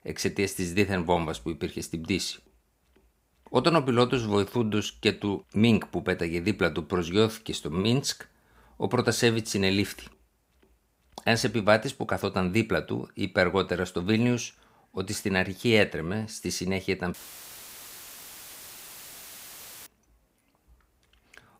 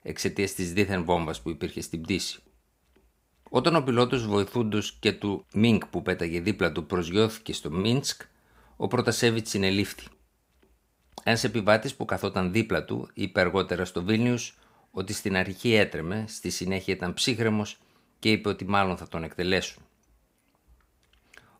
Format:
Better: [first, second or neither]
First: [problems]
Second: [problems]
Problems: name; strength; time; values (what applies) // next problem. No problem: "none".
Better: second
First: audio cutting out; filled with static; at 17 s for 2.5 s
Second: none